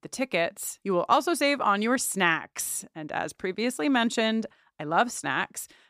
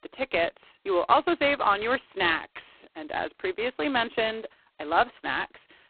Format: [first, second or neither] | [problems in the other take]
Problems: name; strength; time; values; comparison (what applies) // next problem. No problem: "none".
first | phone-call audio; poor line; nothing above 4 kHz